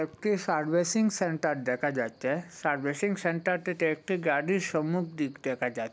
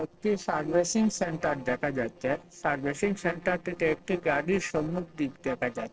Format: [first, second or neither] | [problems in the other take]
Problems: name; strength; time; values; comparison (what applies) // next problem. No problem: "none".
first | noise reduction (neural separator model SepFormer DNS4)